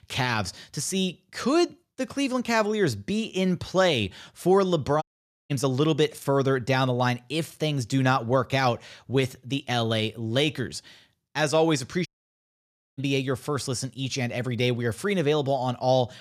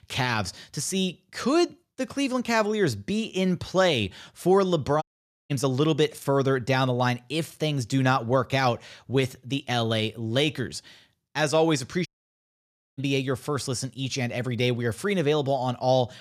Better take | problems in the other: neither | audio cutting out; at 5 s and at 12 s for 1 s; the same in both

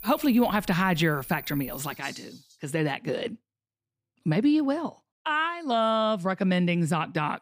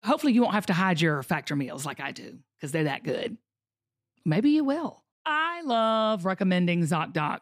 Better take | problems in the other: second | animal sounds; noticeable; until 2.5 s; 15 dB below the speech

